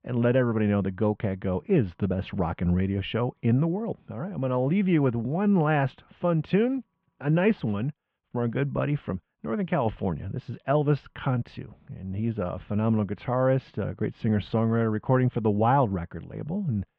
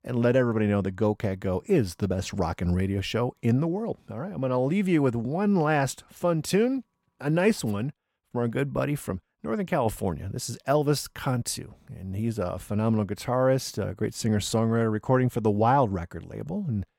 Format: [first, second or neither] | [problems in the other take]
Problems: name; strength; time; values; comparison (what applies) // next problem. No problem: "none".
second | muffled; very; fading above 3 kHz